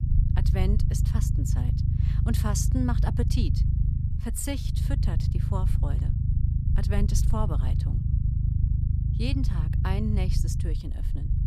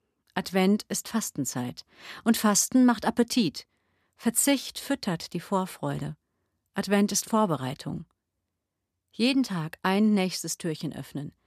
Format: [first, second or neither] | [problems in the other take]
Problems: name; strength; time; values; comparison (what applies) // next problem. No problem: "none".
second | low rumble; loud; throughout; 4 dB below the speech